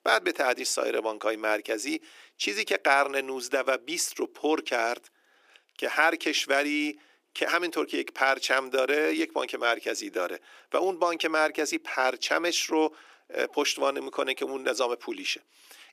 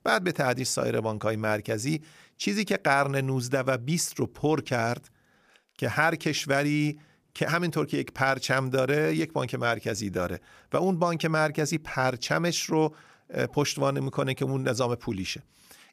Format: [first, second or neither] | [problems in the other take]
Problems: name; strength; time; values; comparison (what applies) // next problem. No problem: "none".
second | thin; somewhat; fading below 300 Hz